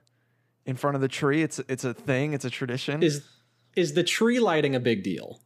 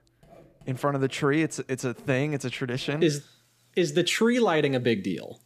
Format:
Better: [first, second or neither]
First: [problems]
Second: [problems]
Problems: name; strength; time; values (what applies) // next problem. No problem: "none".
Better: first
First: none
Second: household noises; faint; throughout; 30 dB below the speech